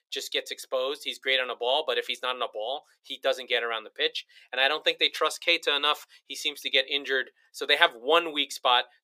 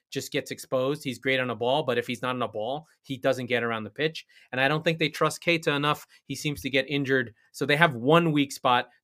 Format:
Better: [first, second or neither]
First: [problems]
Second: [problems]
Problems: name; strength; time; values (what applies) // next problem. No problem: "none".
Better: second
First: thin; very; fading below 400 Hz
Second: none